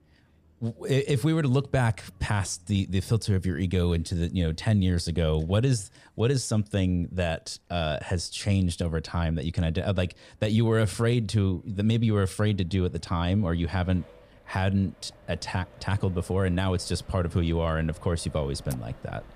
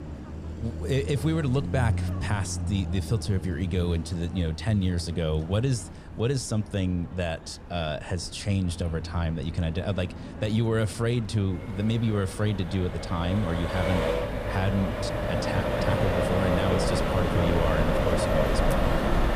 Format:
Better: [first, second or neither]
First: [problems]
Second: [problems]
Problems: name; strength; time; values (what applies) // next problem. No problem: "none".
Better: first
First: traffic noise; faint; throughout; 30 dB below the speech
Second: traffic noise; loud; throughout; 2 dB below the speech